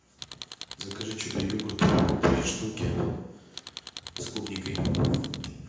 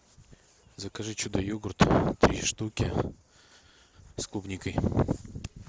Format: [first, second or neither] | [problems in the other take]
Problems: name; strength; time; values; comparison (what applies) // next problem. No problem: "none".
second | background sound (Tools); 12 dB below the speech // room echo; dies away in 0.9 s